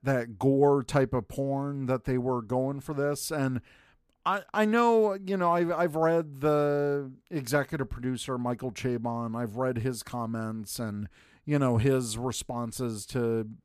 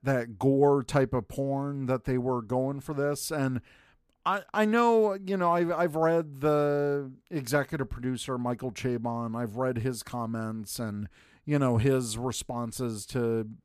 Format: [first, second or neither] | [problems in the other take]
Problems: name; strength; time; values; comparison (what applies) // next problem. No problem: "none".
neither | none